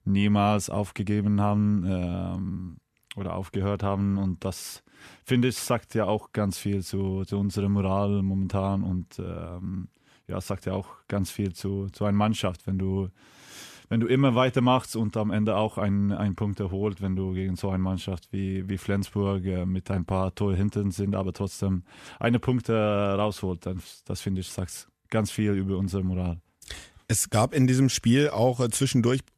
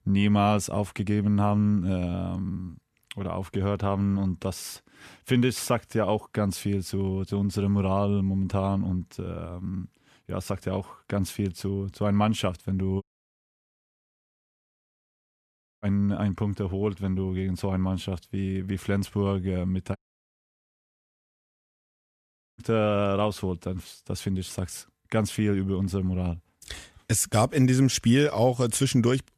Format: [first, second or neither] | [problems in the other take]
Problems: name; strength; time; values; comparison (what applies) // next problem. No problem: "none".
first | audio cutting out; at 13 s for 3 s and at 20 s for 2.5 s